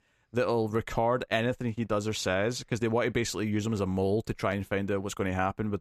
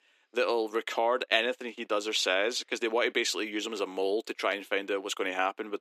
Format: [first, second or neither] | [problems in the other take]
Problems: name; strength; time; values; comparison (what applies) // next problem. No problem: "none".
first | thin; somewhat; fading below 300 Hz